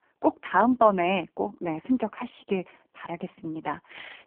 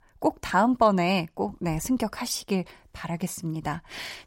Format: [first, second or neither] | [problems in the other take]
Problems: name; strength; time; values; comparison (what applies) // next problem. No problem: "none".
second | phone-call audio; poor line